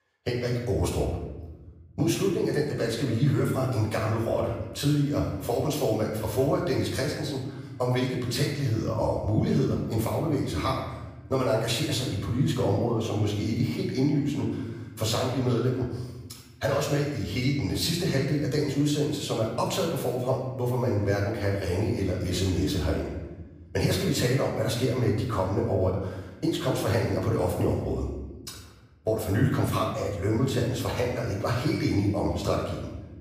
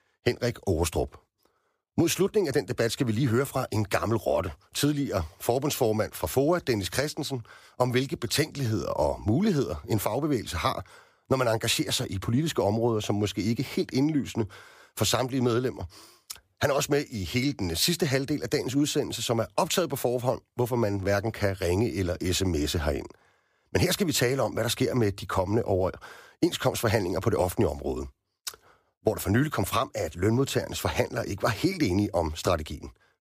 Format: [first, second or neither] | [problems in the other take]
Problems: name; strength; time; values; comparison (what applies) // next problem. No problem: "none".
second | off-mic speech; far // room echo; noticeable; dies away in 1.2 s